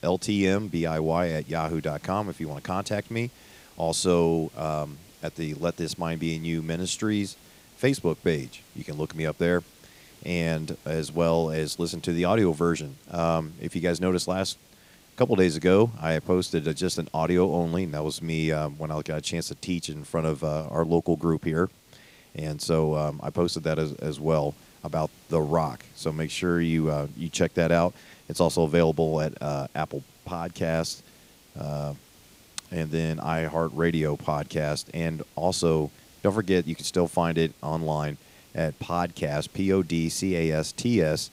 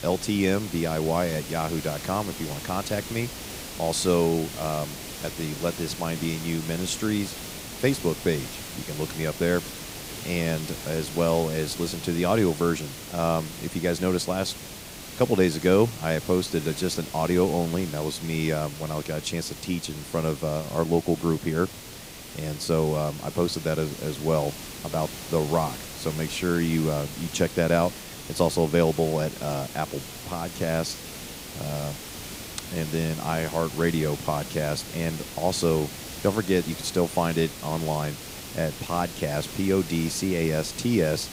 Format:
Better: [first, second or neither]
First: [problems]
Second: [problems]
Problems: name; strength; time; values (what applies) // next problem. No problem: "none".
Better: first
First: hiss; faint; throughout; 25 dB below the speech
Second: hiss; loud; throughout; 10 dB below the speech